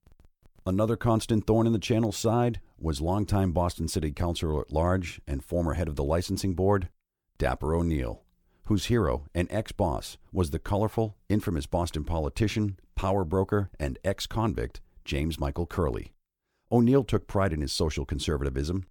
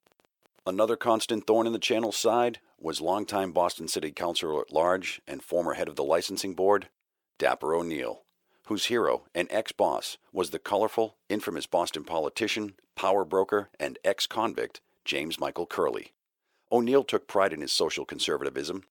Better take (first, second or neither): first